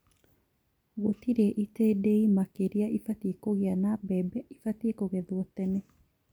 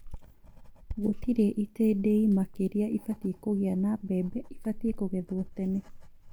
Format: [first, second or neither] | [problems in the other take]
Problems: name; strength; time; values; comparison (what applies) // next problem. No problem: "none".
first | background sound (Writing); 13 dB below the speech